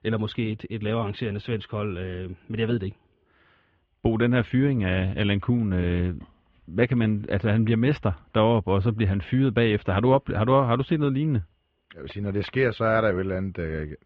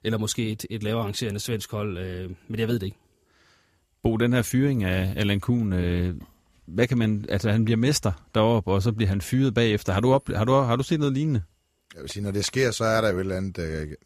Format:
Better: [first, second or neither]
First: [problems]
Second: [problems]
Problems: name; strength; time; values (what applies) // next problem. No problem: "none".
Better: second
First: muffled; very; fading above 3 kHz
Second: none